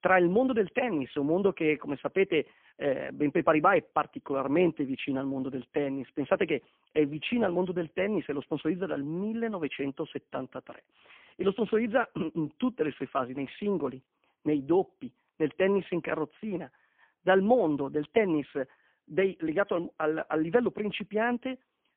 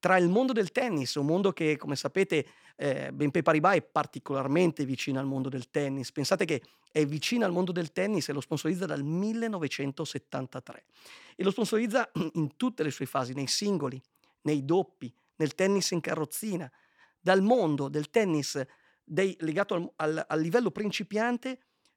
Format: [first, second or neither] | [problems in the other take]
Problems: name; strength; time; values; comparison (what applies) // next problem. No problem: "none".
second | phone-call audio; poor line; nothing above 3.5 kHz